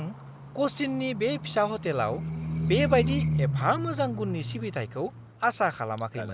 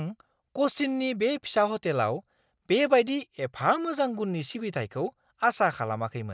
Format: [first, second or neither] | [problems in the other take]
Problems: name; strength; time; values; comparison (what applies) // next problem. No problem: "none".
second | background sound (Livestock, farm animals, working animals); 3 dB below the speech